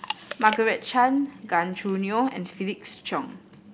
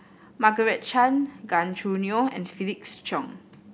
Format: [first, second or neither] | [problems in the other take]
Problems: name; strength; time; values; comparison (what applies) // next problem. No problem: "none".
second | background sound (Chewing, mastication); 16 dB below the speech